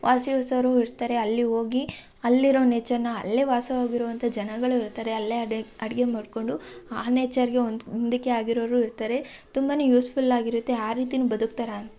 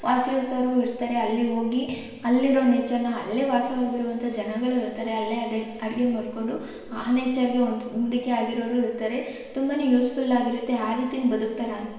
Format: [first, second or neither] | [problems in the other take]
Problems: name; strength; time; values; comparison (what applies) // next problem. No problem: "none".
first | room echo; dies away in 1.2 s